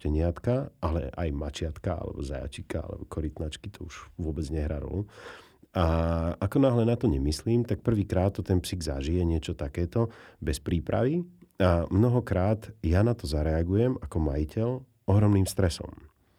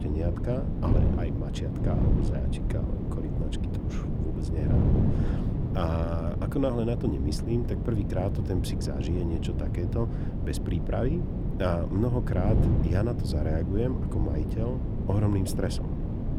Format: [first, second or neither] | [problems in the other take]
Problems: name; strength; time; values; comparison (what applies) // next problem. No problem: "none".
first | wind noise on the microphone; heavy; 3 dB below the speech